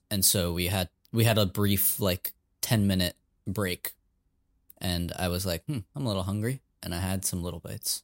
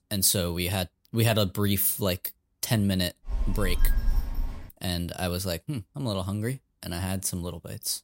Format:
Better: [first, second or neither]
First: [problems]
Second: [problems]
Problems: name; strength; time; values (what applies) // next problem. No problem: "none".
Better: first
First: none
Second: phone ringing; noticeable; from 3.5 to 4.5 s; peak 1 dB below the speech